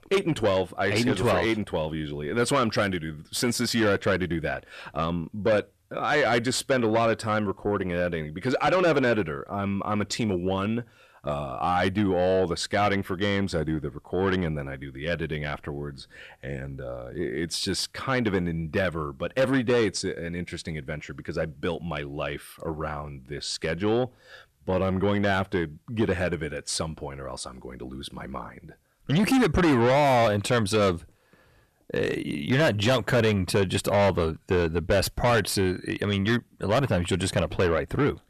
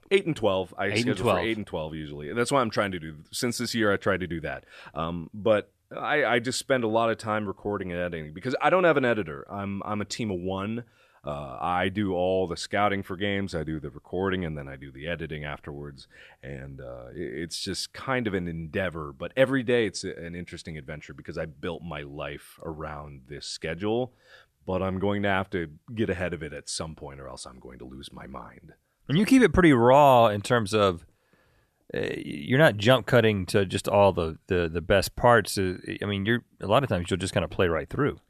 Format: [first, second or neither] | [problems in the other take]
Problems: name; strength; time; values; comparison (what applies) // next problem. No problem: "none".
second | distortion; heavy; 7 dB below the speech